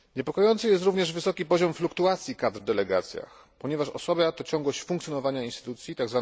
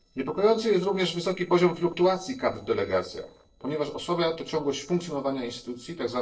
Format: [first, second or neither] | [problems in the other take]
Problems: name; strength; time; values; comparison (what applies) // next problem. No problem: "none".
first | noise reduction (neural separator model SepFormer DNS4)